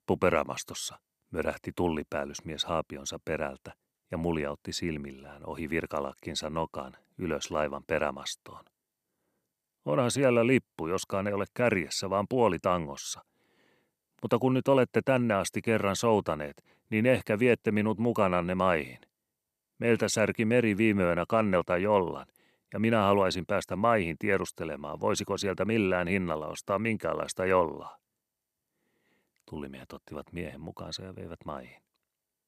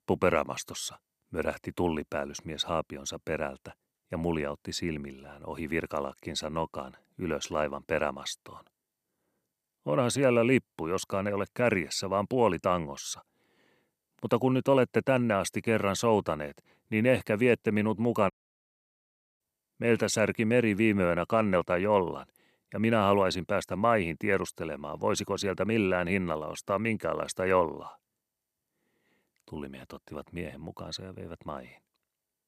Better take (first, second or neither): first